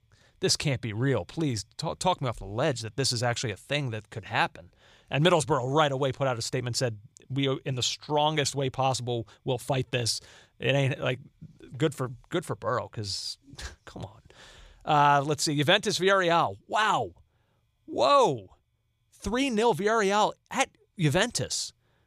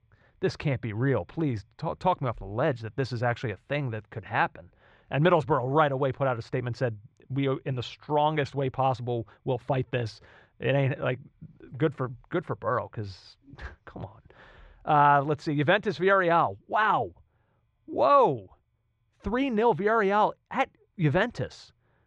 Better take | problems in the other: first | muffled; very; fading above 1.5 kHz

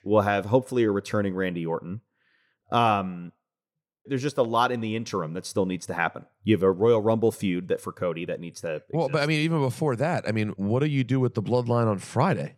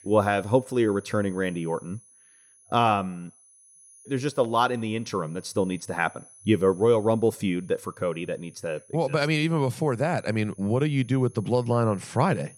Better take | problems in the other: first | high-pitched whine; faint; throughout; 10.5 kHz, 25 dB below the speech

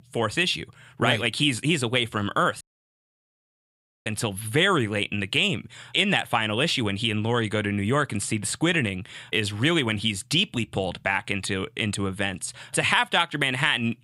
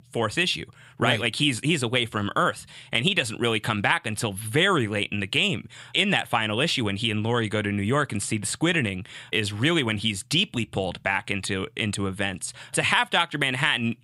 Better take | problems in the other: second | audio cutting out; at 2.5 s for 1.5 s

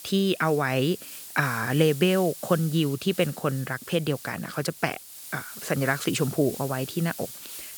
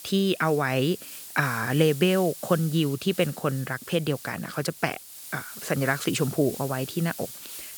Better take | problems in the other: neither | hiss; noticeable; throughout; 10 dB below the speech; the same in both

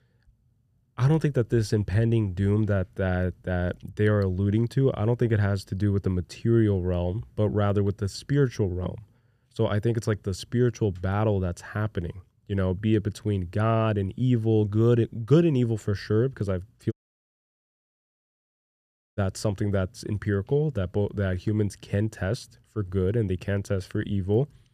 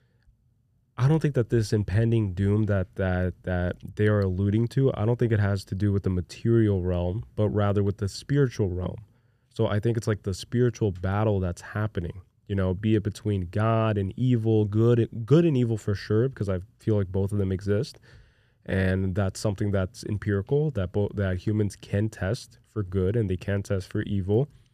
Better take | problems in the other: second | audio cutting out; at 17 s for 2.5 s

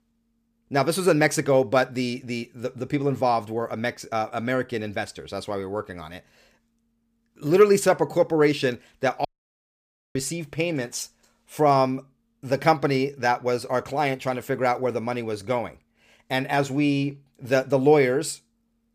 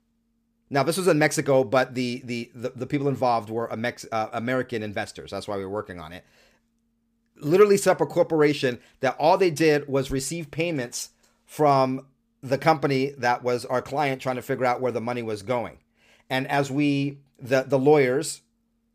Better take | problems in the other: second | audio cutting out; at 9.5 s for 1 s

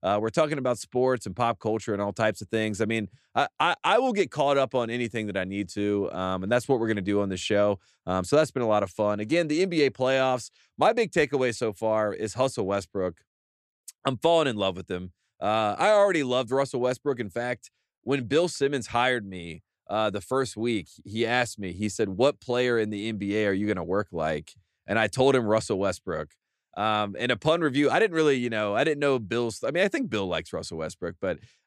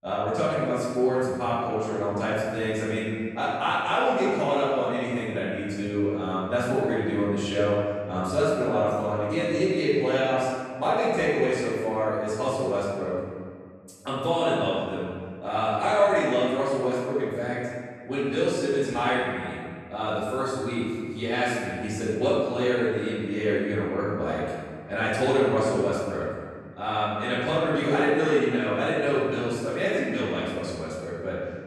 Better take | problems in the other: first | off-mic speech; far // room echo; strong; dies away in 1.8 s

